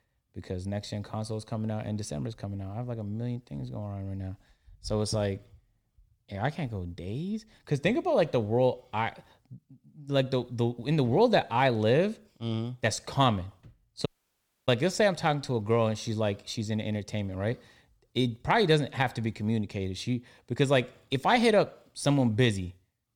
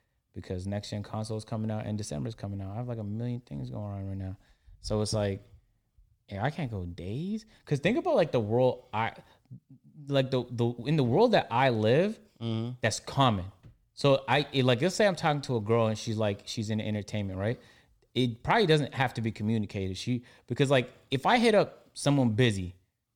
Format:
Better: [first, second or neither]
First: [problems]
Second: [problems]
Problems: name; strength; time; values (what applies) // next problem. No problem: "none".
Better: second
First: audio cutting out; at 14 s for 0.5 s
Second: none